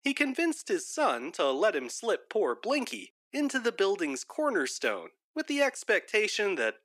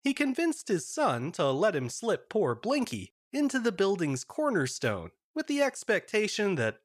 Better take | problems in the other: second | thin; very slightly; fading below 250 Hz

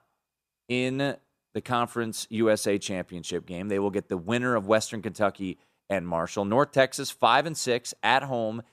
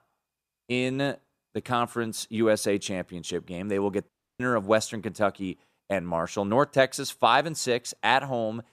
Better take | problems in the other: first | audio cutting out; at 4 s

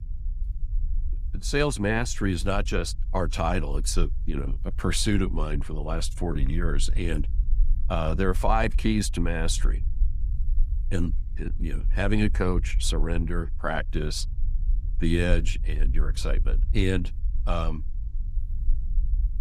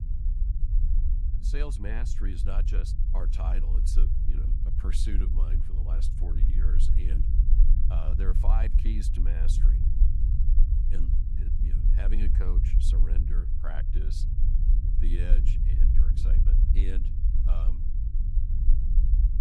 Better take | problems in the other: first | low rumble; loud; throughout; 3 dB below the speech; faint in the first

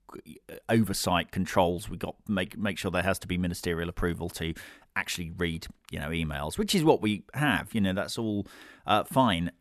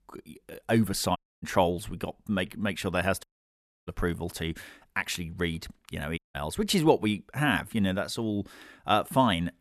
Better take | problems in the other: first | audio cutting out; at 1 s, at 3 s for 0.5 s and at 6 s

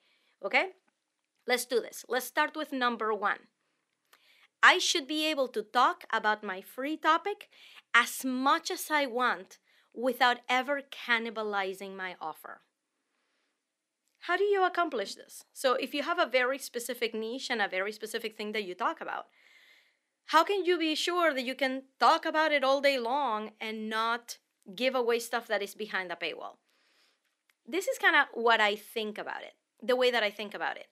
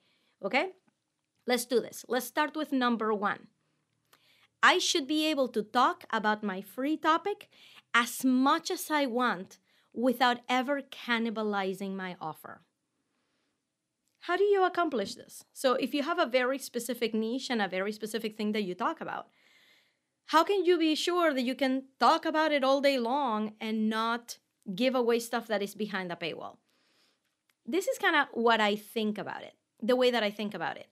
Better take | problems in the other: second | thin; somewhat; fading below 350 Hz

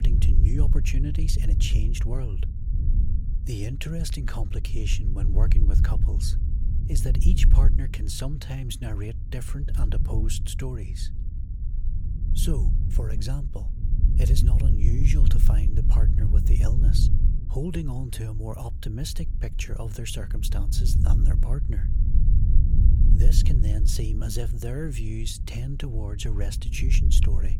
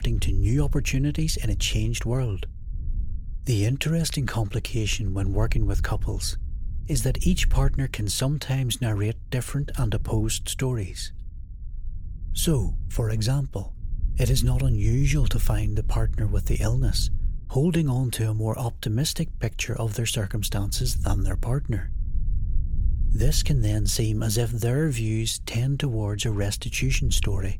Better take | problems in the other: second | low rumble; loud; throughout; 5 dB below the speech; faint in the second

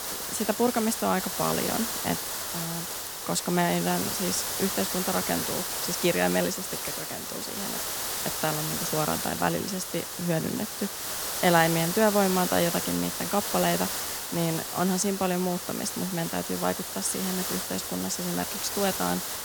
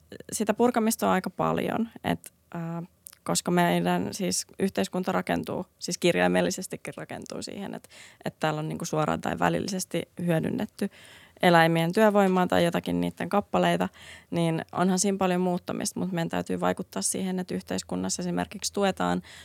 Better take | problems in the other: second | hiss; loud; throughout; 2 dB below the speech

